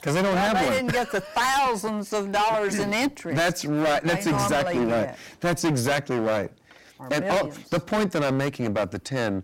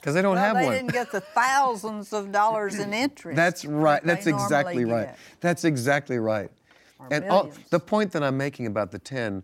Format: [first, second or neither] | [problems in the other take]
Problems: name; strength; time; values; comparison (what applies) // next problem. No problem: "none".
second | distortion; heavy; 21% of the sound clipped